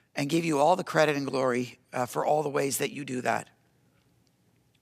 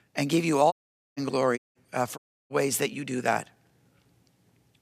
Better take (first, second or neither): first